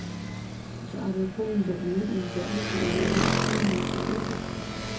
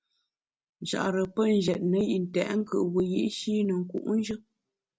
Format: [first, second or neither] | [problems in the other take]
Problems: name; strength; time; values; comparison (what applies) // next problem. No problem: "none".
second | background sound (Motorcycle); as loud as the speech // room echo; dies away in 0.3 s